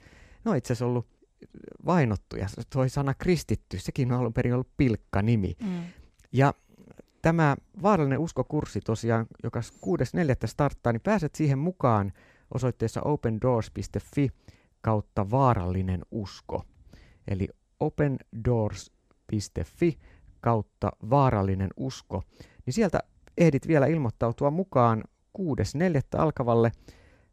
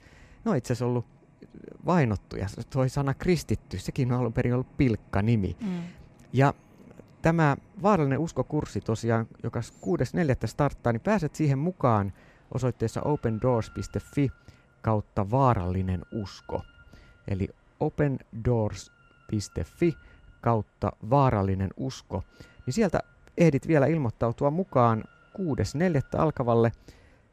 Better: first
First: none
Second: machinery noise; faint; throughout; 30 dB below the speech

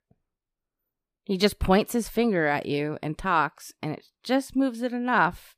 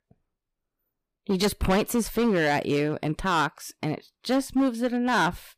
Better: first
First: none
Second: distortion; heavy; 8% of the sound clipped

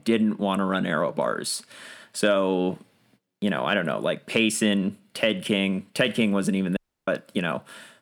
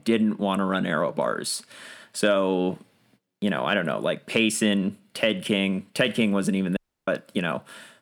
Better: neither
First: audio cutting out; at 7 s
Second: audio cutting out; at 7 s

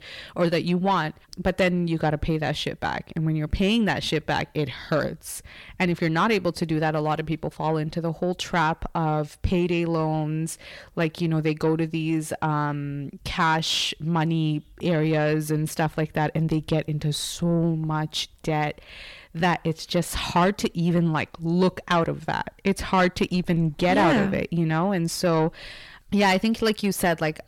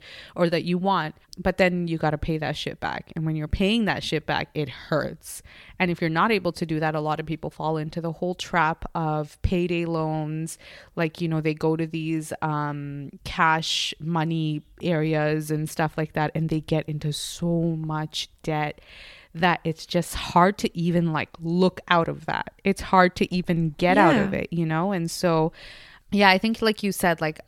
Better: second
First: distortion; slight; 10 dB below the speech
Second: none

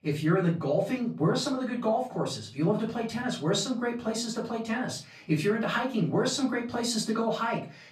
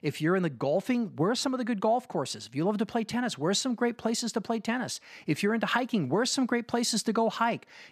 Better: second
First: off-mic speech; far // room echo; slight; dies away in 0.3 s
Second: none

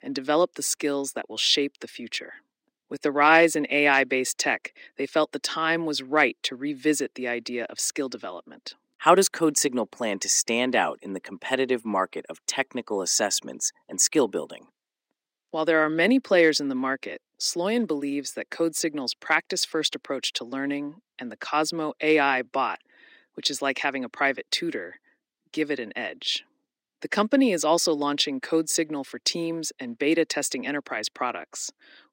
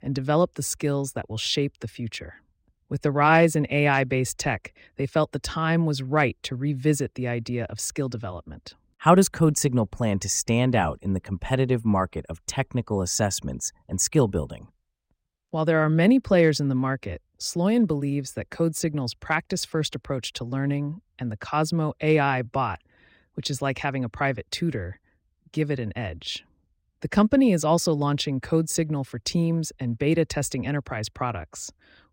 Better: second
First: thin; very slightly; fading below 300 Hz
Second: none

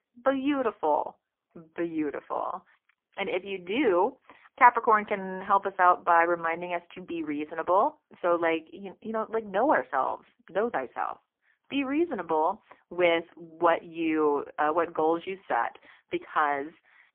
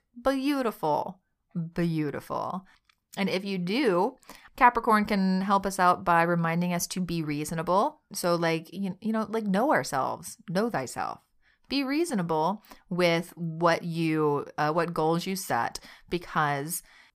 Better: second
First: phone-call audio; poor line; nothing above 3 kHz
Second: none

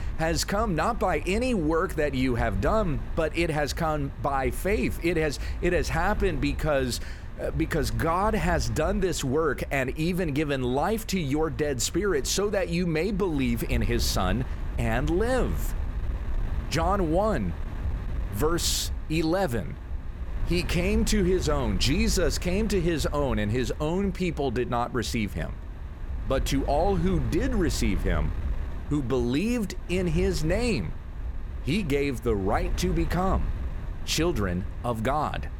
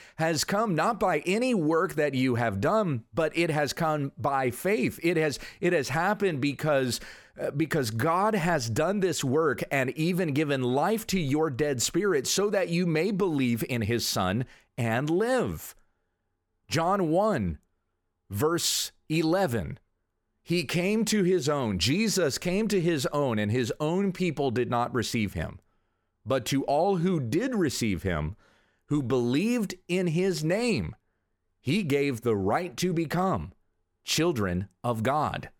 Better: second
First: wind noise on the microphone; occasional gusts; 20 dB below the speech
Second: none

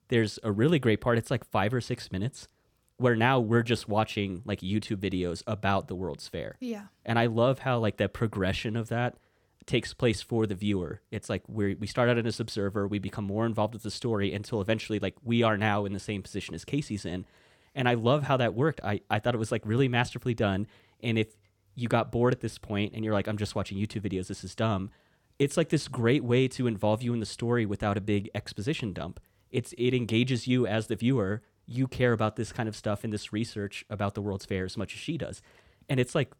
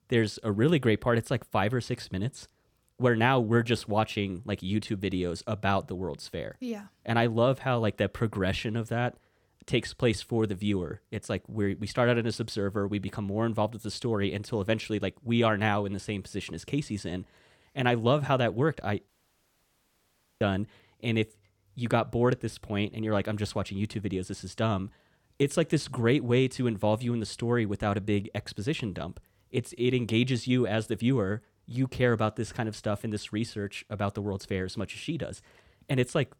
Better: first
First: none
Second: audio cutting out; at 19 s for 1.5 s

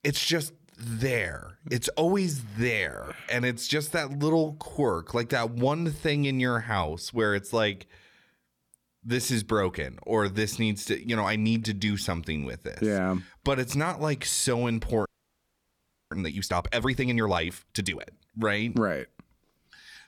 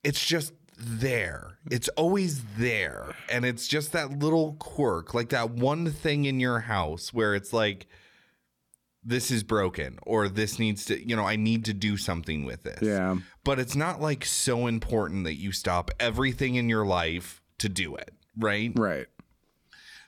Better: second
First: audio freezing; at 15 s for 1 s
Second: none

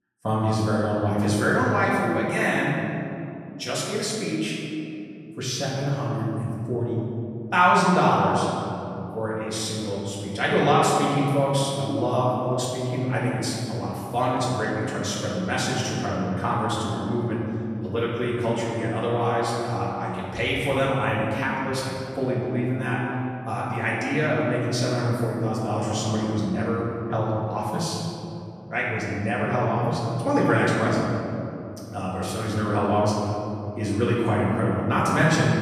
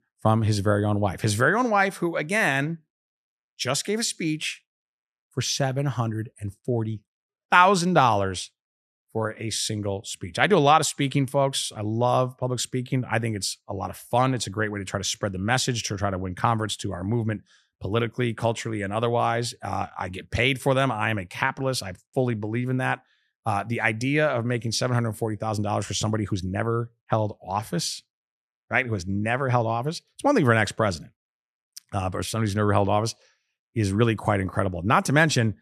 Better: second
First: off-mic speech; far // room echo; strong; dies away in 2.8 s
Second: none

